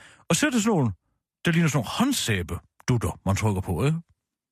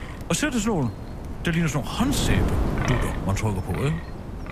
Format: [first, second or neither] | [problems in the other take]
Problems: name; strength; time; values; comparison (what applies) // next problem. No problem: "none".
first | wind noise on the microphone; heavy; 5 dB below the speech